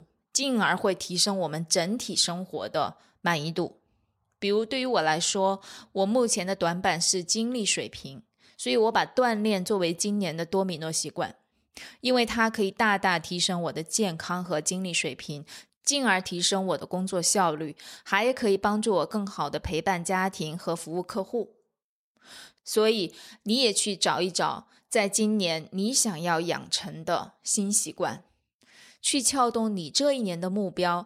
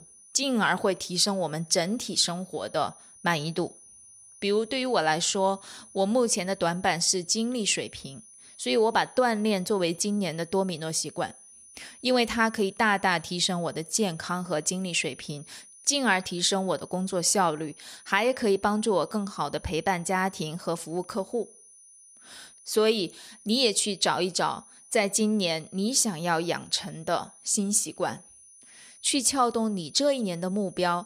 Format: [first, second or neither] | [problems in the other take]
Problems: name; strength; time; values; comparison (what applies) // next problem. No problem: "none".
first | high-pitched whine; faint; throughout; 9.5 kHz, 25 dB below the speech